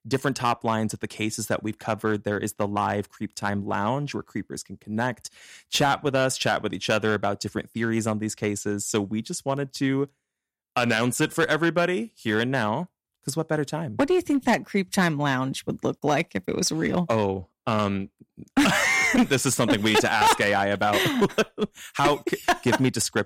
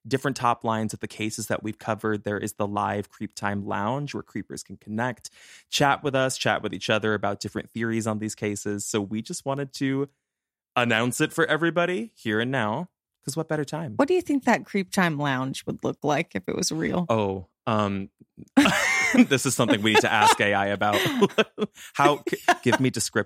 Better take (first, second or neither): second